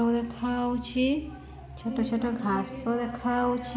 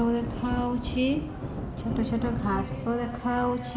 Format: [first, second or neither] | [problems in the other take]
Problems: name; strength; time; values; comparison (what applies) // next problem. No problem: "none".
first | background sound (Thunder / Rain); 6 dB below the speech